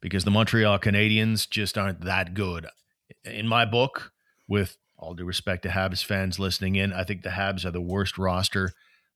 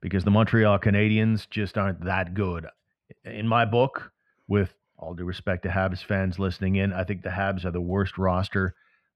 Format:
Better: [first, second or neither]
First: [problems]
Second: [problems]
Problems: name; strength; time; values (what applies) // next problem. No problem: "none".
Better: first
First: none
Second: muffled; very; fading above 3.5 kHz